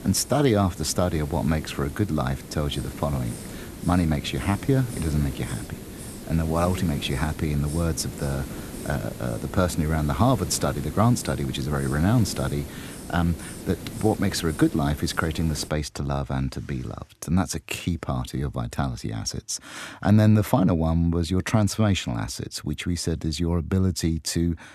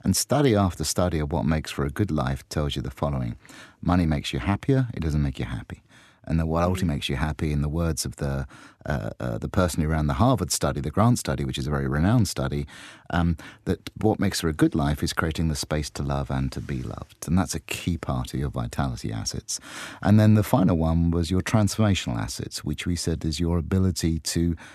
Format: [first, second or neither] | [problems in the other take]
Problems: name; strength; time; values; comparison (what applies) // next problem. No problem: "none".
second | hiss; noticeable; until 16 s; 10 dB below the speech